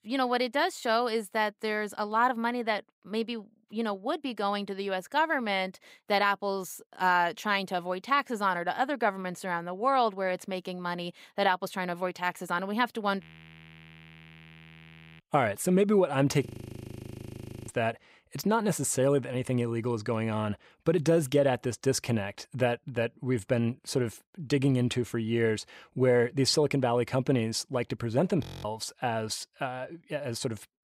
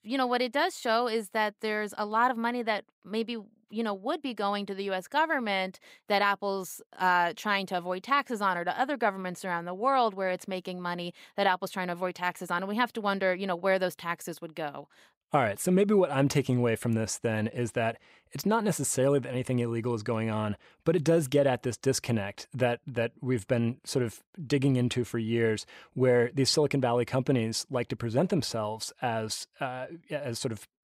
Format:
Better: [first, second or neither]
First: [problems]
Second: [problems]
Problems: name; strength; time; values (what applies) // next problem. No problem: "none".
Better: second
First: audio freezing; at 13 s for 2 s, at 16 s for 1 s and at 28 s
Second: none